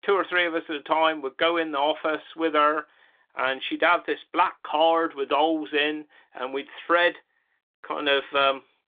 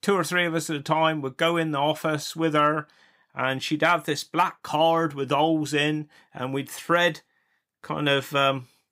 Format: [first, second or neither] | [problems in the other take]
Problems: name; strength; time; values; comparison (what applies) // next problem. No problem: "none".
second | phone-call audio; nothing above 3.5 kHz